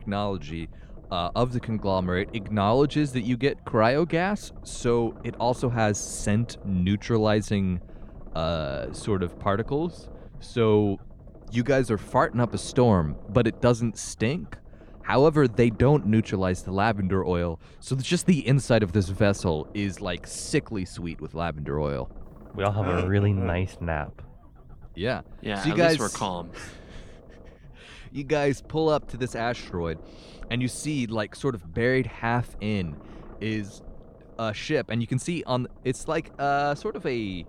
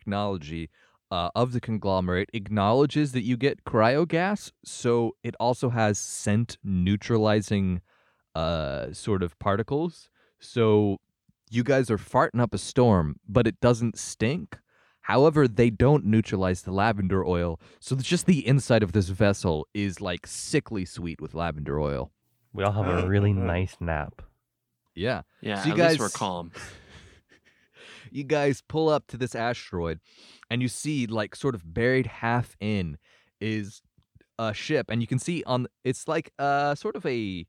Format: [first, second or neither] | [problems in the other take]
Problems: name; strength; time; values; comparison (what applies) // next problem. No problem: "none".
second | low rumble; faint; throughout; 25 dB below the speech